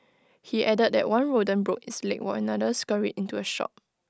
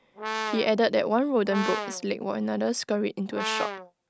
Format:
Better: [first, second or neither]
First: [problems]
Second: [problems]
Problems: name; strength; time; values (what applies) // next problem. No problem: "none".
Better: first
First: none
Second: background sound (Brass instrument); 7 dB below the speech